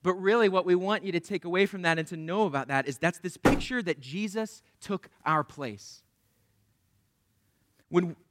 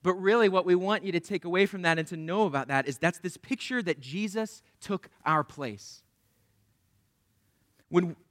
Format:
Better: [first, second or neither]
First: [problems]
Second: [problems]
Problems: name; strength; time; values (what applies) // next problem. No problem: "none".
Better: second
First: door banging; loud; at 3.5 s; peak 2 dB above the speech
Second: none